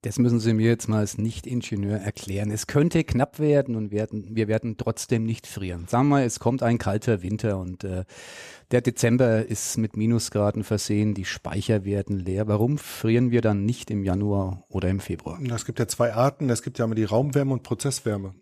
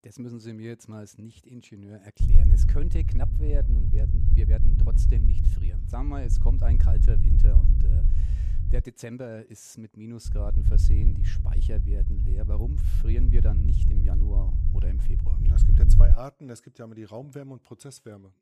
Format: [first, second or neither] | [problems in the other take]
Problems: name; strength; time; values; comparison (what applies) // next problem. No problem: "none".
first | low rumble; loud; from 2 to 9 s and from 10 to 16 s; as loud as the speech